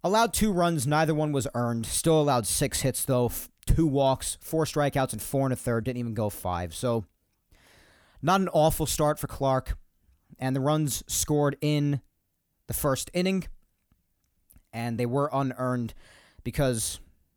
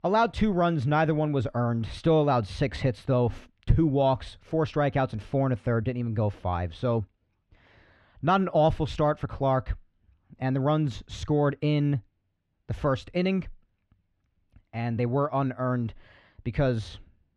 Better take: first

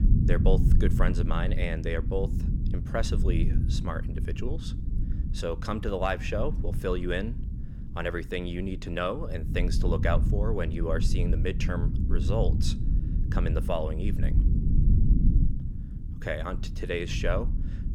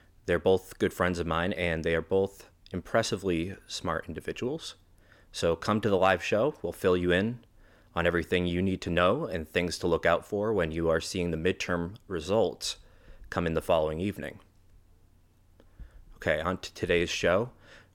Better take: second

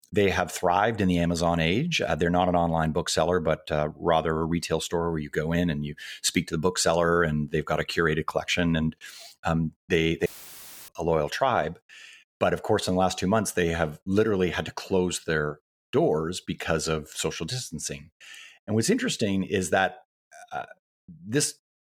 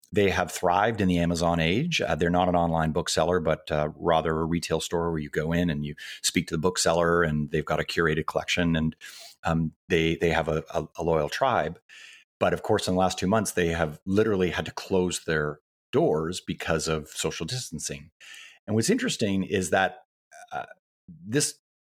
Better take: second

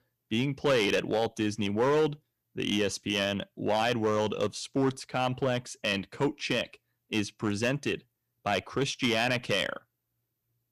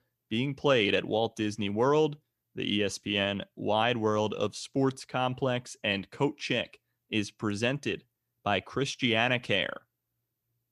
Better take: second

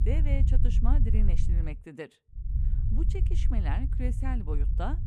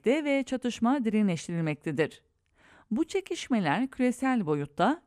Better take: second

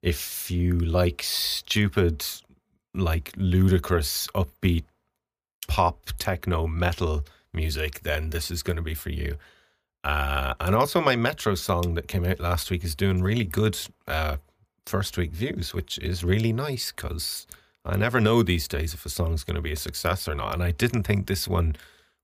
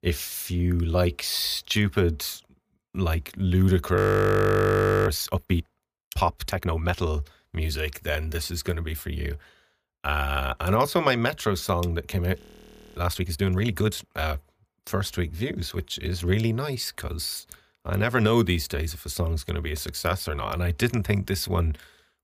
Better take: first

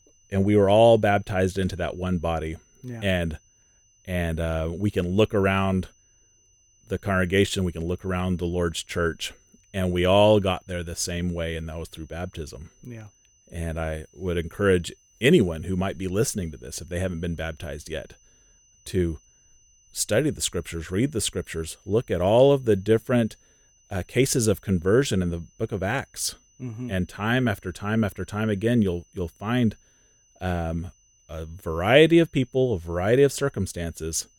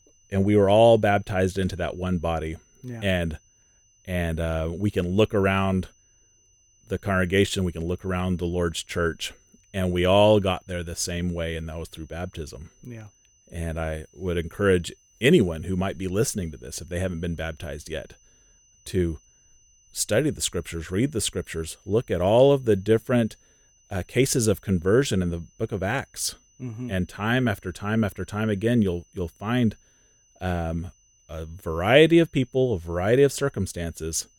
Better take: neither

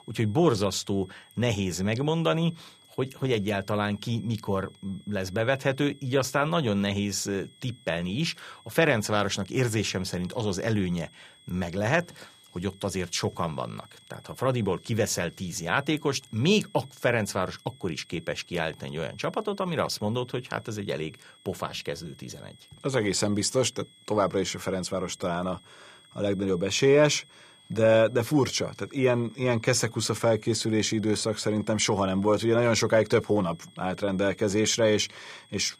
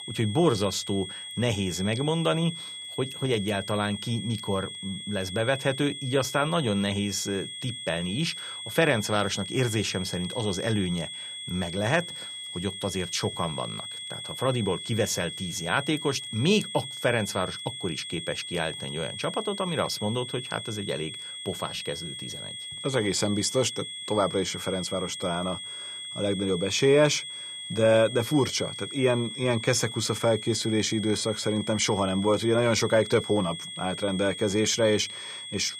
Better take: first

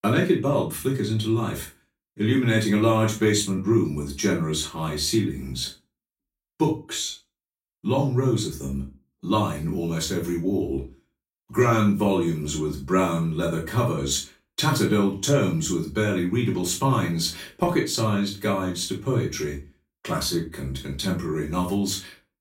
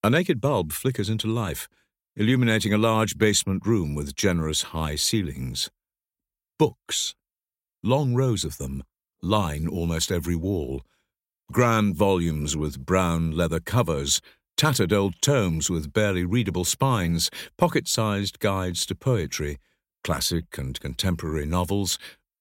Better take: second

